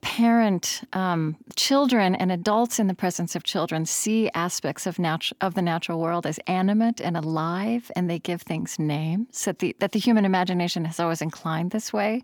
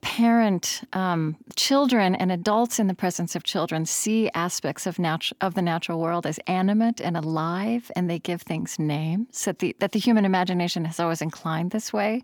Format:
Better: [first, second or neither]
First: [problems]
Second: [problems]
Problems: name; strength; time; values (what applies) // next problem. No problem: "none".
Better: neither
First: none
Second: none